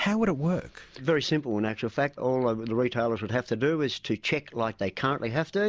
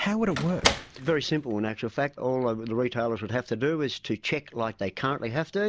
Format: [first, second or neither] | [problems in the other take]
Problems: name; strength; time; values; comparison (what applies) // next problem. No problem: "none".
first | background sound (Slam); 3 dB below the speech